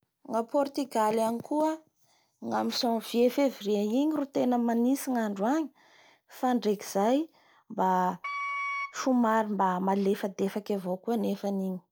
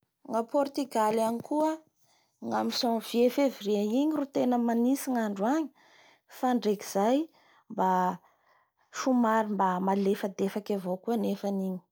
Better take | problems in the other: second | background sound (Wind instrument, woodwind instrument); 7 dB below the speech

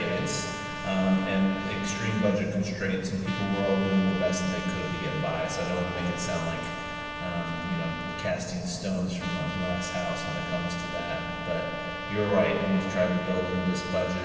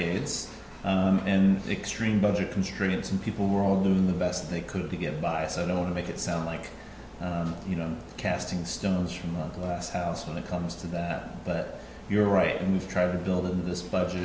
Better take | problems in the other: second | background sound (Trumpet); 8 dB below the speech // room echo; dies away in 2.8 s

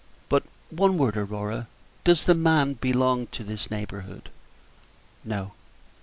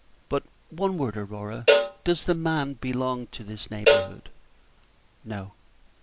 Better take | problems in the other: first | background sound (Cowbell); 3 dB above the speech

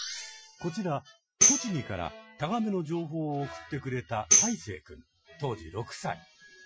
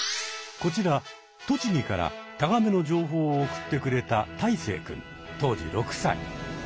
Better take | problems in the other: second | noise reduction (classical method Wiener filter)

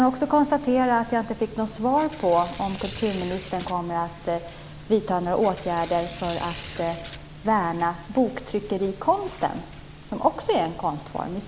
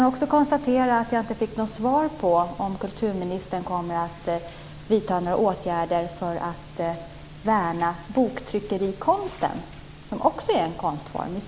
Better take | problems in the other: second | background sound (Tearing); 16 dB below the speech

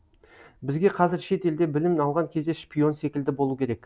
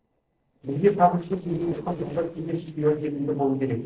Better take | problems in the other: first | noise reduction (neural separator model SepFormer DNS4)

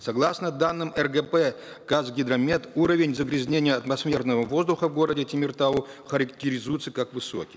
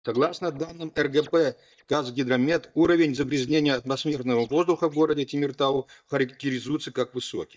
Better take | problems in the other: first | noise reduction (neural mask model DeepFilterNet 3)

